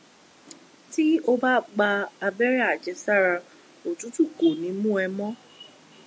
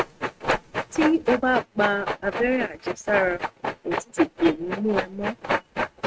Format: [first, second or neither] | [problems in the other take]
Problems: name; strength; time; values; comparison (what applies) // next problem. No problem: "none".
first | noise reduction (neural mask model RNNoise)